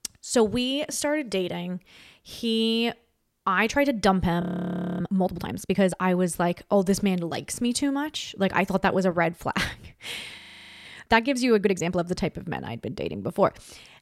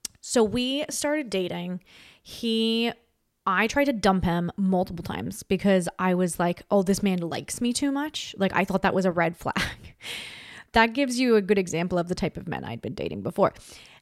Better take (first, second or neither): second